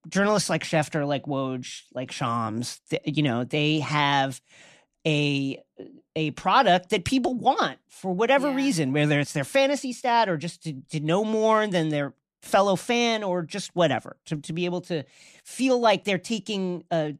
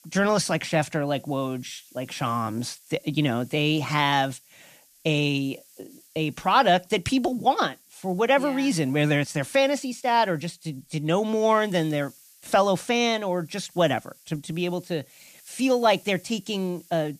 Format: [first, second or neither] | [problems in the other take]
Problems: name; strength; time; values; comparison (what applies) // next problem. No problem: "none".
first | hiss; faint; throughout; 25 dB below the speech